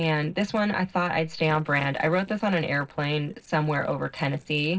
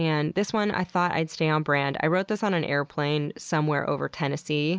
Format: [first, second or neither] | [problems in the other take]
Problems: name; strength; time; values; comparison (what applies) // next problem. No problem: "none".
second | noise reduction (neural separator model SepFormer DNS4)